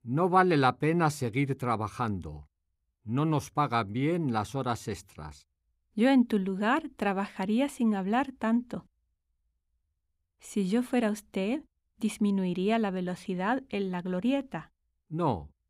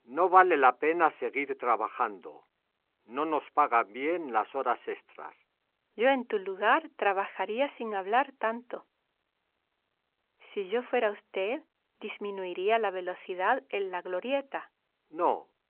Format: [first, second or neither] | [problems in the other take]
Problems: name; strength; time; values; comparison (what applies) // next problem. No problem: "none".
first | phone-call audio